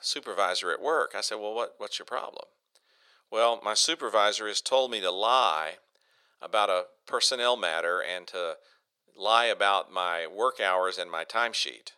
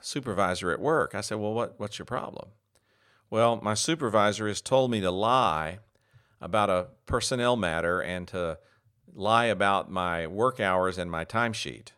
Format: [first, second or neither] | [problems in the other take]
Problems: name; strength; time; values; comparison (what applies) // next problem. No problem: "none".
second | thin; very; fading below 450 Hz